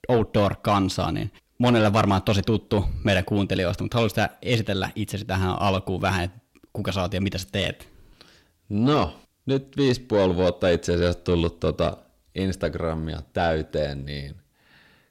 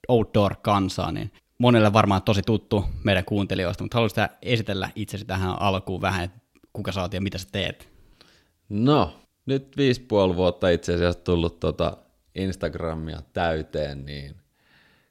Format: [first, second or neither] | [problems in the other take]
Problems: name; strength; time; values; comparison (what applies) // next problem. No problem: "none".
second | distortion; slight; 10 dB below the speech